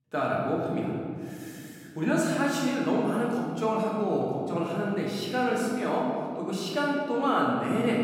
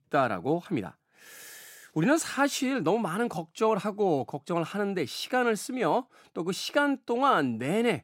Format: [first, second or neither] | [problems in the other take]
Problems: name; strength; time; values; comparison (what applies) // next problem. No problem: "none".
second | room echo; noticeable; dies away in 2.4 s // off-mic speech; far